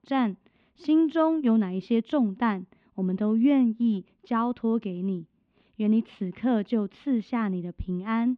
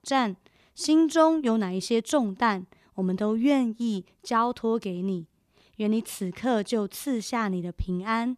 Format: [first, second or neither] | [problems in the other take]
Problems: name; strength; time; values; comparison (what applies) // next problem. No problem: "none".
second | muffled; very; fading above 3 kHz